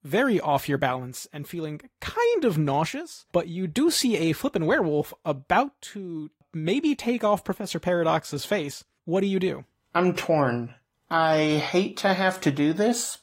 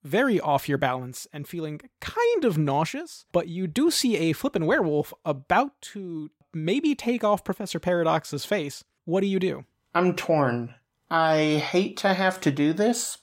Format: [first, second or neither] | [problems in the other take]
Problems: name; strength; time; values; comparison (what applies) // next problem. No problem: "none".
second | garbled, watery; slightly; nothing above 16 kHz